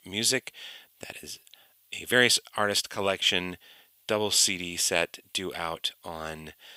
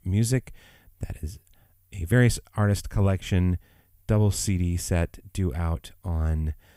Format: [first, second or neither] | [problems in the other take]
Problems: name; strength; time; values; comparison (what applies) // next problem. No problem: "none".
second | thin; very; fading below 450 Hz